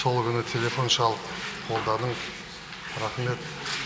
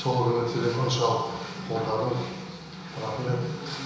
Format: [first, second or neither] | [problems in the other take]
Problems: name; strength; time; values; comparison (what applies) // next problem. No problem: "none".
first | room echo; dies away in 1 s